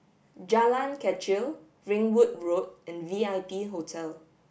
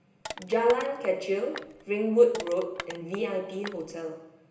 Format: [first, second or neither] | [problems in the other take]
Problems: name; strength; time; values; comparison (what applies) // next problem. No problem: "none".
first | background sound (Crushing); 15 dB below the speech // room echo; dies away in 0.9 s